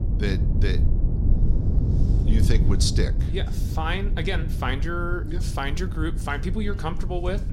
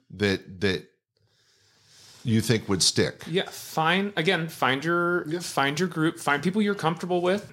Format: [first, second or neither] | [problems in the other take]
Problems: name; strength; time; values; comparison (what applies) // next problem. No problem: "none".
second | low rumble; loud; throughout; 8 dB below the speech